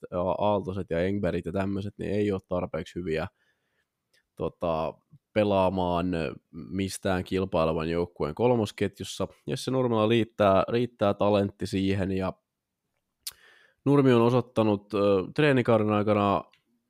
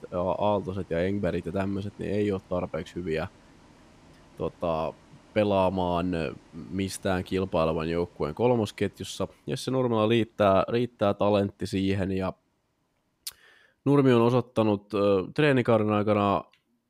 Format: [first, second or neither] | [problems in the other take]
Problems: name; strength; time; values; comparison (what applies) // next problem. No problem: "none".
first | traffic noise; faint; throughout; 30 dB below the speech